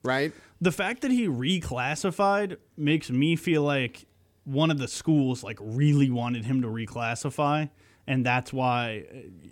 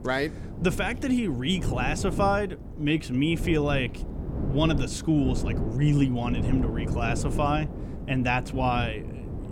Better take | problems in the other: first | wind noise on the microphone; occasional gusts; 10 dB below the speech

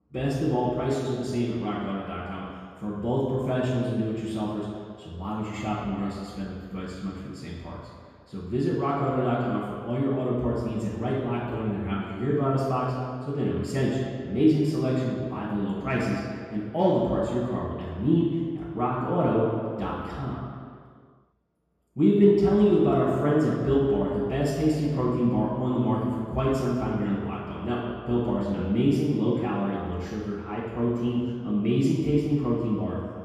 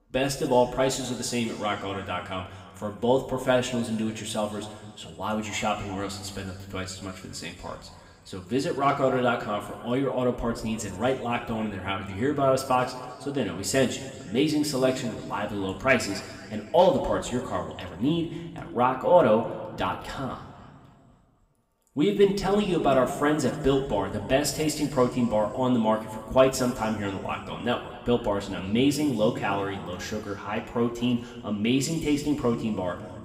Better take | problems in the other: second | room echo; strong; dies away in 2 s; slight in the second // off-mic speech; far; somewhat distant in the second

